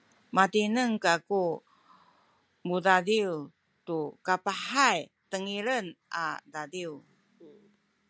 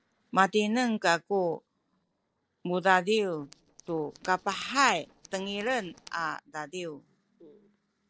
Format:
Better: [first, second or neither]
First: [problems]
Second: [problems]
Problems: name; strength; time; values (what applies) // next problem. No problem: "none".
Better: first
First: none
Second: noise reduction (neural separator model SepFormer DNS4)